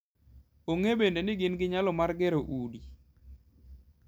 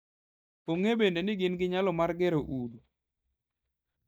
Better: first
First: none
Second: noise reduction (neural mask model DeepFilterNet 3)

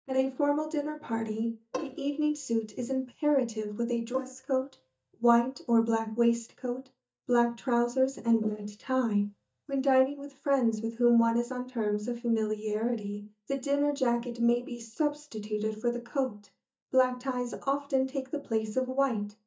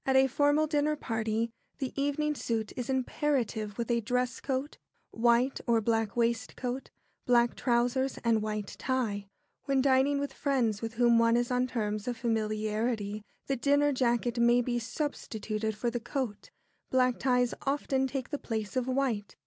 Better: second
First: noise reduction (neural mask model DeepFilterNet 3)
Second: none

